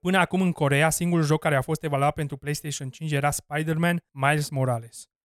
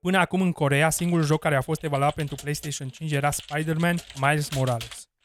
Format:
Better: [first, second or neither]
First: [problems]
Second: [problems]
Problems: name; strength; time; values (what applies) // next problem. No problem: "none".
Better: first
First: none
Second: keyboard typing; faint; from 1 s on; peak 10 dB below the speech